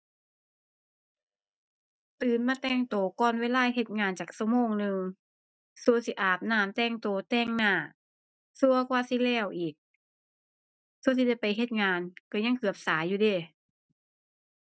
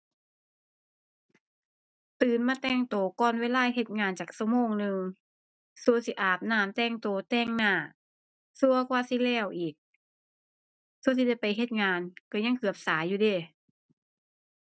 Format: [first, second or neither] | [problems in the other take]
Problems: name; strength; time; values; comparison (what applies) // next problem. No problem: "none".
second | noise reduction (neural mask model DeepFilterNet 3)